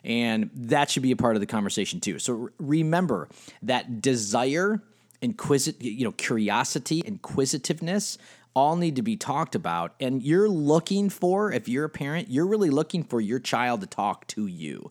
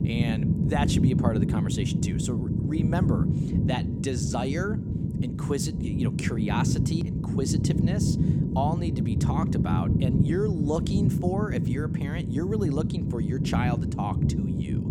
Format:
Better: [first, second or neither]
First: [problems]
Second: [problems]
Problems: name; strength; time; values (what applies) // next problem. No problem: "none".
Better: first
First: none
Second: low rumble; loud; throughout; 2 dB below the speech